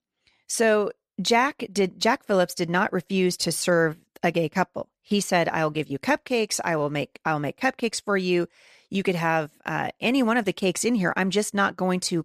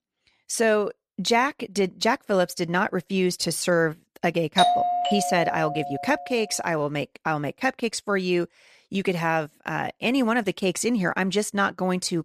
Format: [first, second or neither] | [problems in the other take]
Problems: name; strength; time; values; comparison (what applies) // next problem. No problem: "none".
first | doorbell; loud; from 4.5 to 6 s; peak 4 dB above the speech